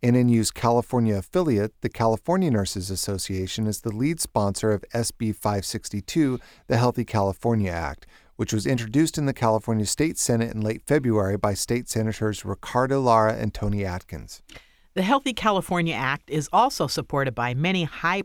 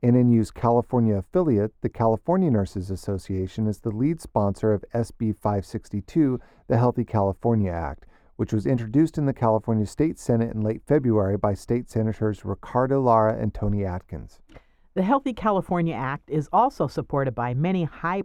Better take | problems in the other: first | muffled; very; fading above 2 kHz

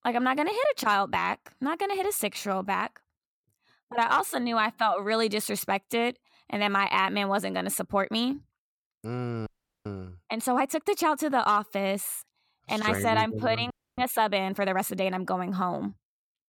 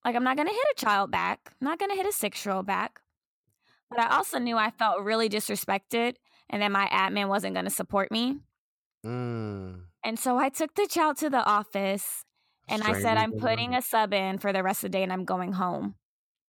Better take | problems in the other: second | audio freezing; at 9.5 s and at 14 s

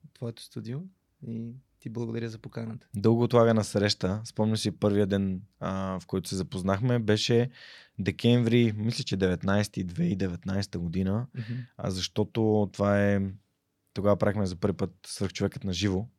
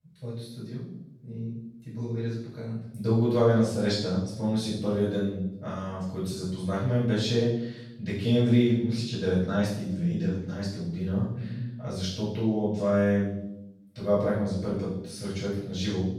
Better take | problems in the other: first | off-mic speech; far // room echo; strong; dies away in 0.7 s

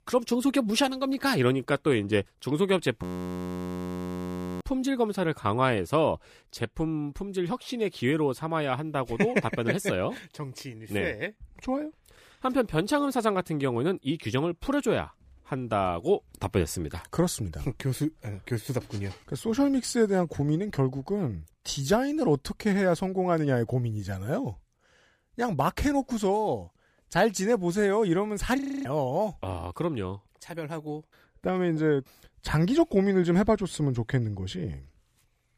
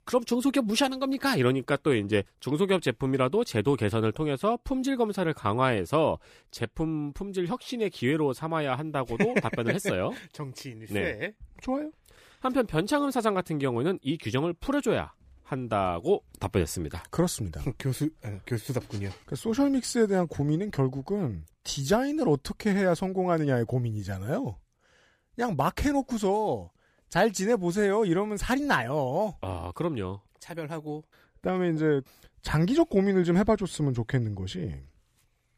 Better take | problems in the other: second | audio freezing; at 3 s for 1.5 s and at 29 s

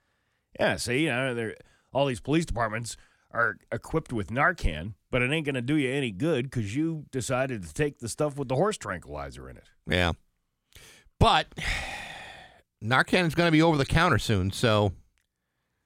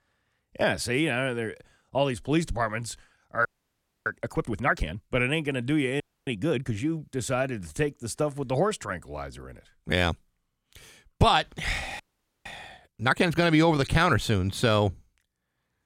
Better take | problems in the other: first | audio freezing; at 3.5 s for 0.5 s, at 6 s and at 12 s

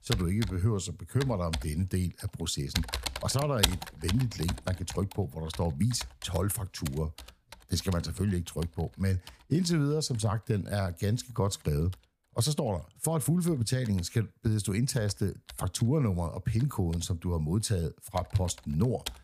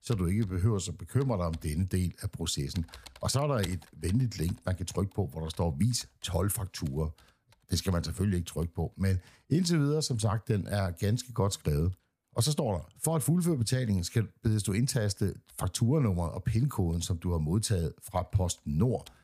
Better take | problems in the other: second | household noises; loud; throughout; 7 dB below the speech; faint in the second

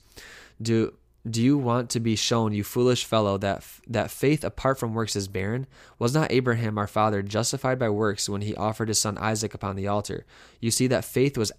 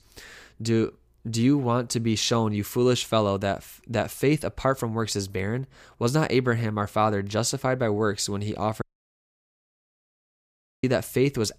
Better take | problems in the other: first | audio cutting out; at 9 s for 2 s

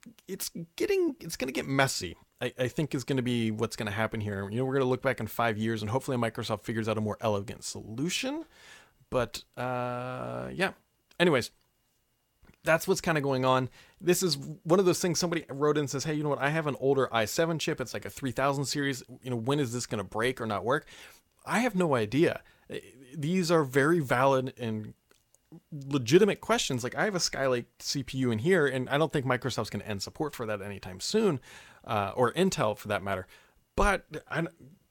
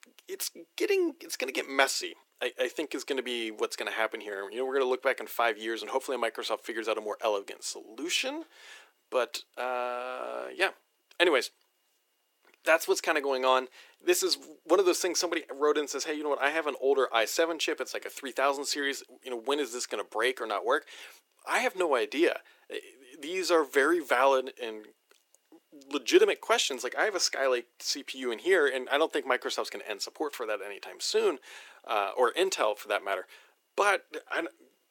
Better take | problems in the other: first | thin; somewhat; fading below 300 Hz

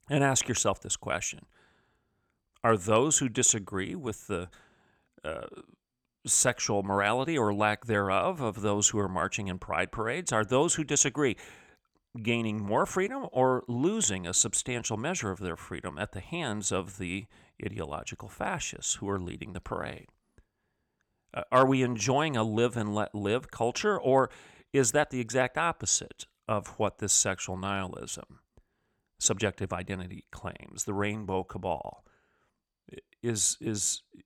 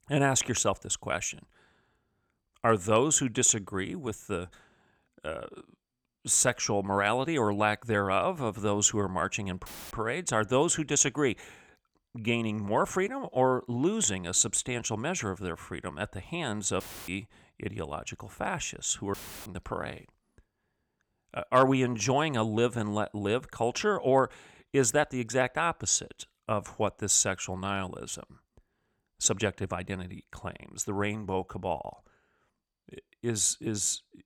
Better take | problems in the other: first | audio cutting out; filled with static; at 9.5 s, at 17 s and at 19 s

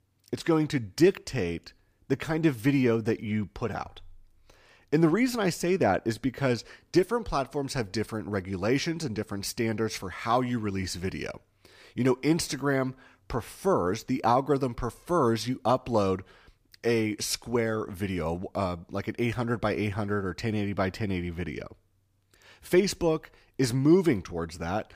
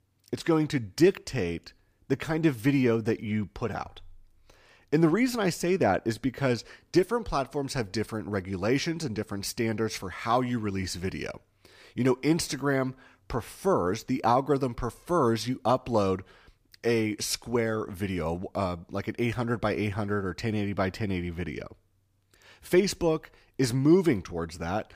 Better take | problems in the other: neither | none

